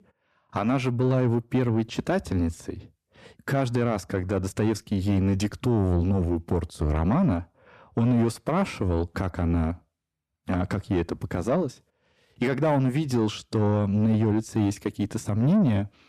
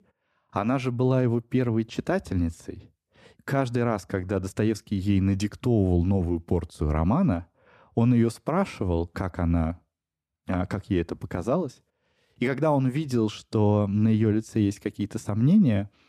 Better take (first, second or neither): second